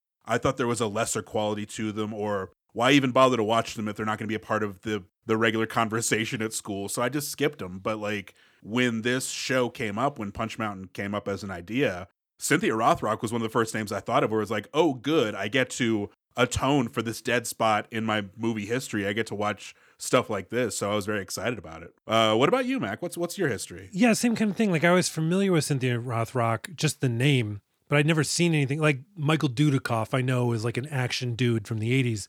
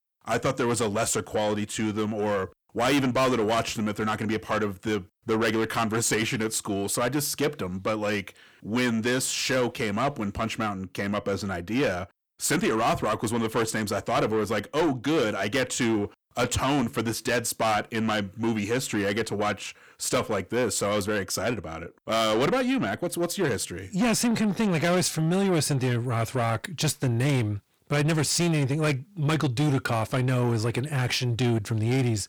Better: first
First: none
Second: distortion; heavy; 7 dB below the speech

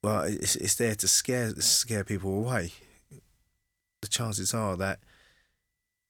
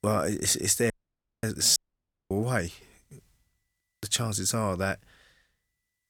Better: first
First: none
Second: audio cutting out; at 1 s for 0.5 s and at 2 s for 0.5 s

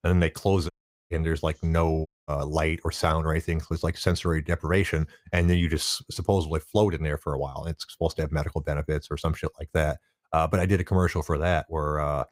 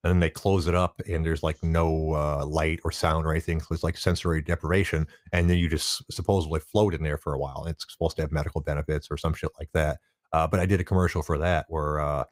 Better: second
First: audio cutting out; at 0.5 s and at 2 s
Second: none

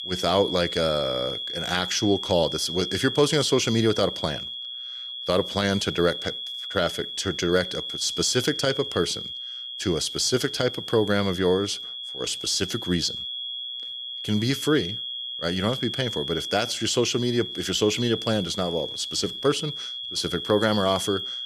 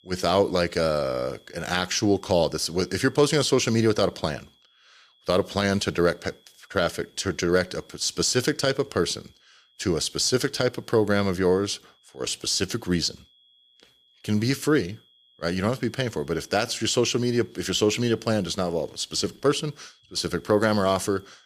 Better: second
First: high-pitched whine; loud; throughout; 3.5 kHz, 6 dB below the speech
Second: high-pitched whine; faint; throughout; 3.5 kHz, 35 dB below the speech

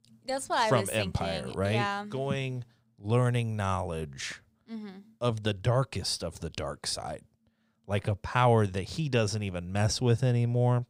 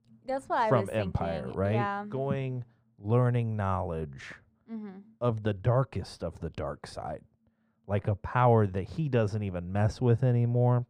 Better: first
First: none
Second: muffled; very; fading above 2.5 kHz

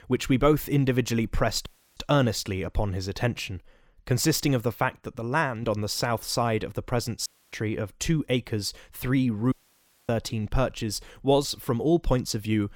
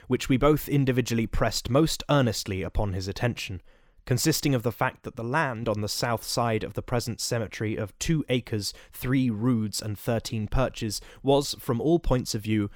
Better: second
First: audio cutting out; at 1.5 s, at 7.5 s and at 9.5 s for 0.5 s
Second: none

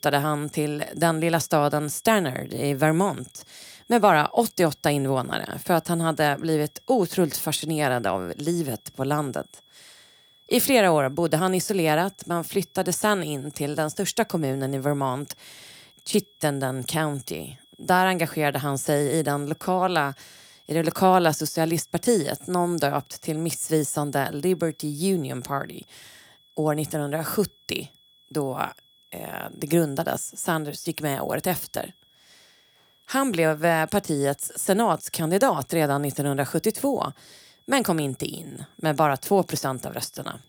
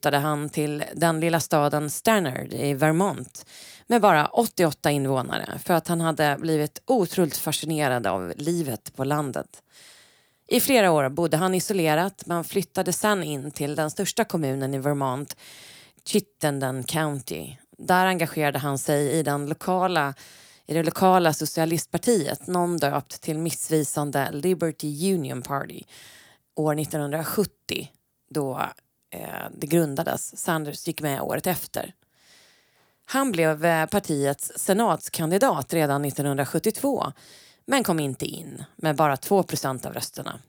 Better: second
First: high-pitched whine; faint; throughout; 3.5 kHz, 30 dB below the speech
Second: none

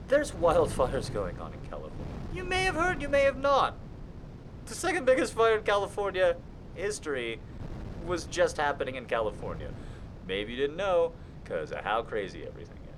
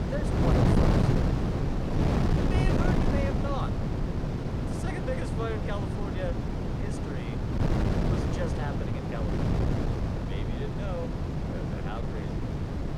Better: first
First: wind noise on the microphone; occasional gusts; 20 dB below the speech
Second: wind noise on the microphone; heavy; 4 dB above the speech

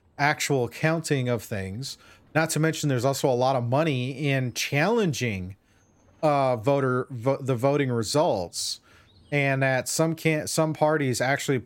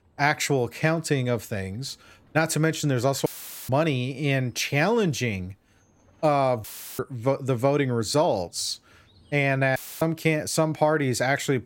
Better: first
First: none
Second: audio cutting out; filled with static; at 3.5 s, at 6.5 s and at 10 s

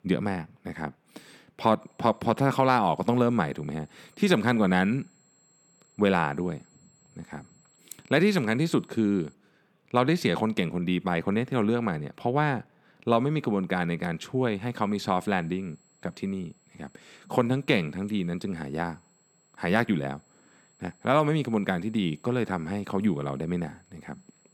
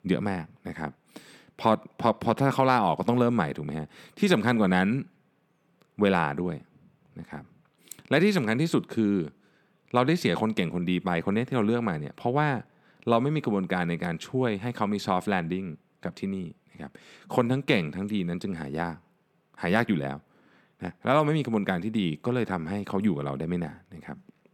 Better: second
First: high-pitched whine; faint; from 2 to 9.5 s and from 15 s on; 7.5 kHz, 35 dB below the speech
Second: none

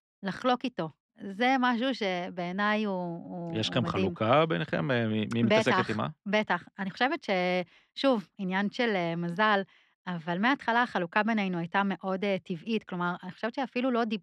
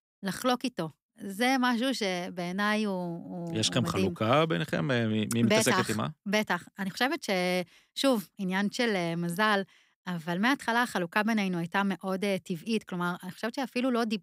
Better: second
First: muffled; slightly; fading above 3 kHz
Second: none

